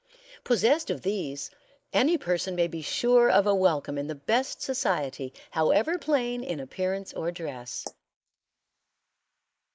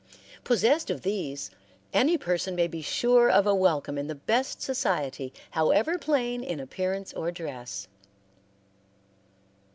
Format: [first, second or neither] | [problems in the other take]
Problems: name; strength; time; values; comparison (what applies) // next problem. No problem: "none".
second | noise reduction (neural mask model Resemble Enhance denoiser)